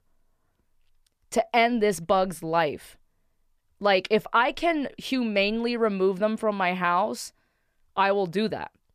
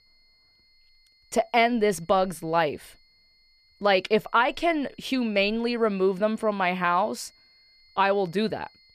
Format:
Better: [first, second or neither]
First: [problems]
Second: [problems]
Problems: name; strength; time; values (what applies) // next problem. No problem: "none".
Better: first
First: none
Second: high-pitched whine; faint; throughout; 4.5 kHz, 35 dB below the speech